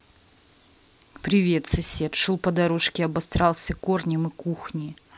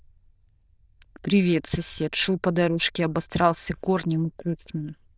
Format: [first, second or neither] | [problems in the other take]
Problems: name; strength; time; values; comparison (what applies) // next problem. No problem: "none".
first | noise reduction (neural diffusion model UNIVERSE++)